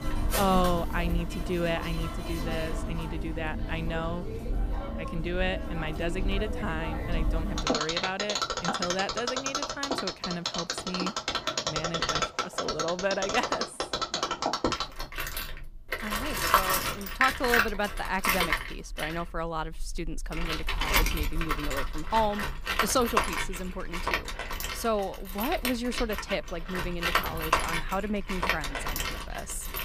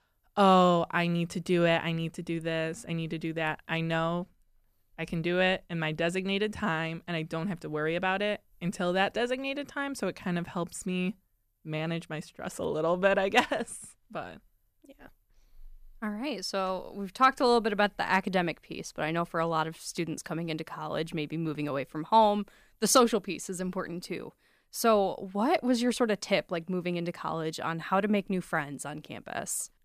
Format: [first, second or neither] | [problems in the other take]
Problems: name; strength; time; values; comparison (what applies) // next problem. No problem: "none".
second | machinery noise; very loud; throughout; 2 dB above the speech